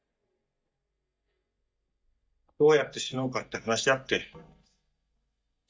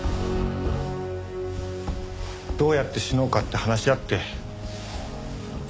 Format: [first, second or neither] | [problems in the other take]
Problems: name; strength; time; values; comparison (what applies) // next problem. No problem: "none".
second | noise reduction (neural mask model DeepFilterNet 3)